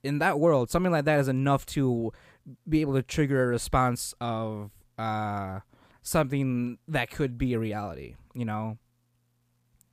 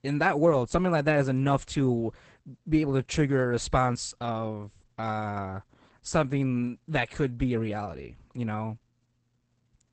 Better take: first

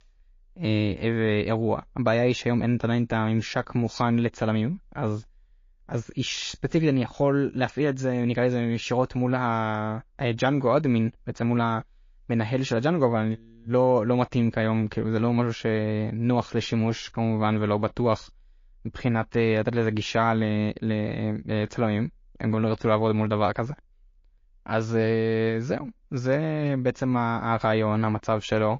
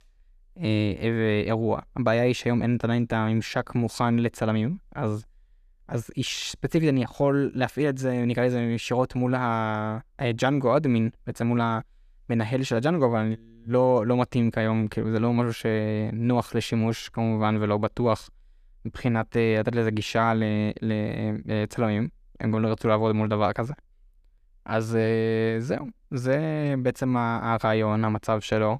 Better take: second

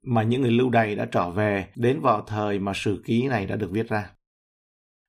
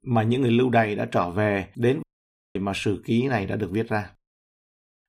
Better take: first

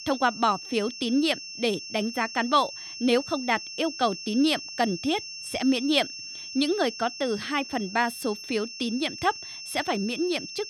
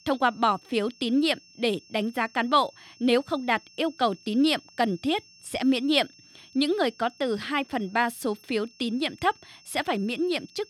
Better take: second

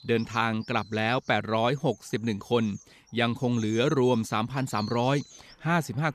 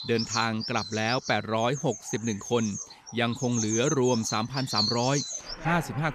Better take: first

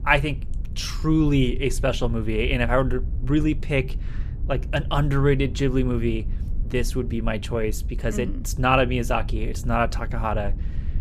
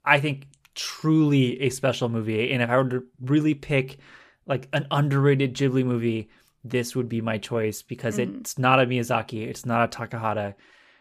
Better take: second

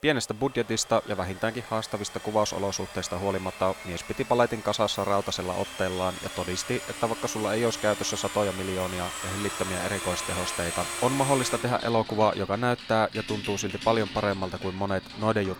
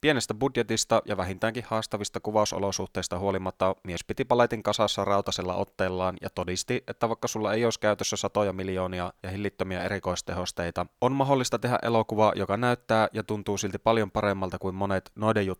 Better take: second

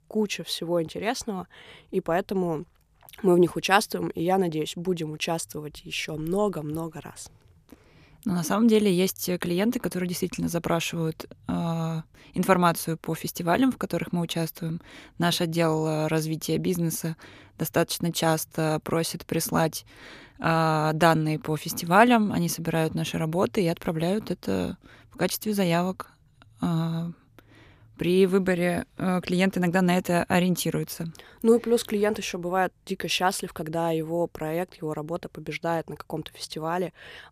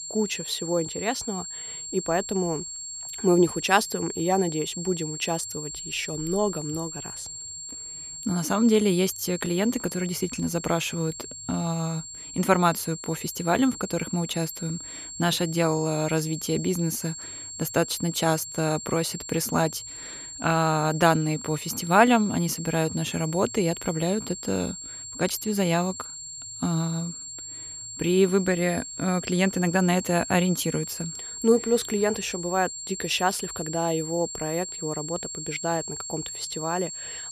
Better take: first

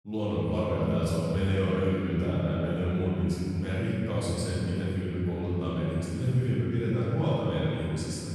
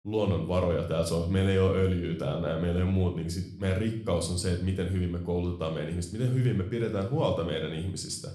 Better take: second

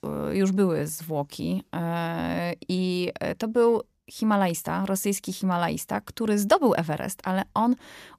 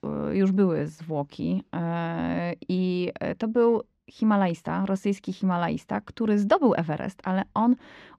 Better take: first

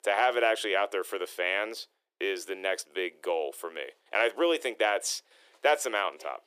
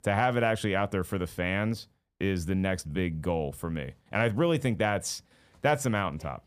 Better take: second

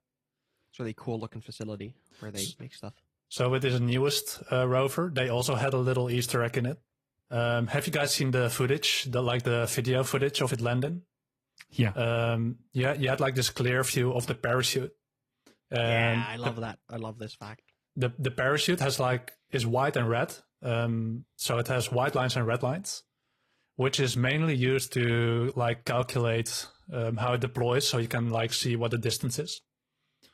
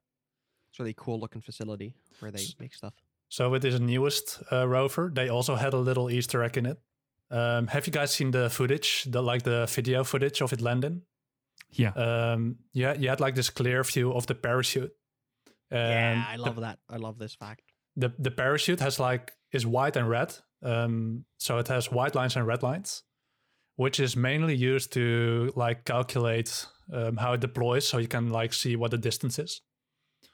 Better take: second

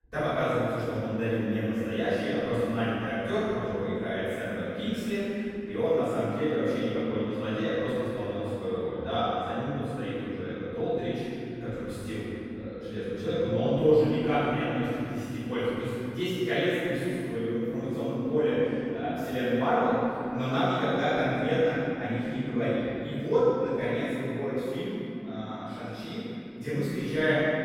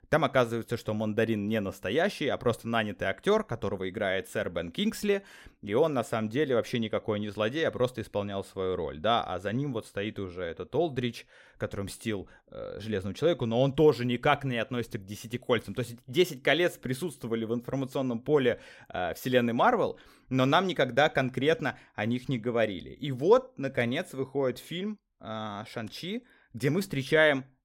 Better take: second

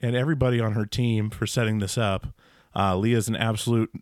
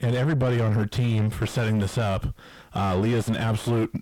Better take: first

